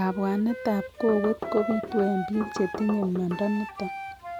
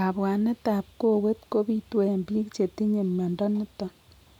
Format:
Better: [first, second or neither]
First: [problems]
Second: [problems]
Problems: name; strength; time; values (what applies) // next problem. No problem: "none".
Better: second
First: background sound (Knock + Wind instrument, woodwind instrument); 8 dB below the speech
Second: none